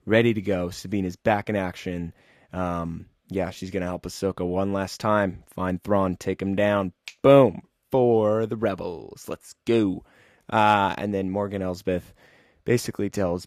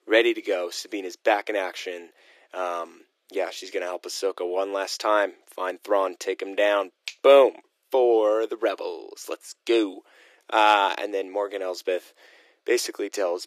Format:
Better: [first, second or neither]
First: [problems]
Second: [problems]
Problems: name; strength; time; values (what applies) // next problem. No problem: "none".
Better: first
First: none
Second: thin; very; fading below 350 Hz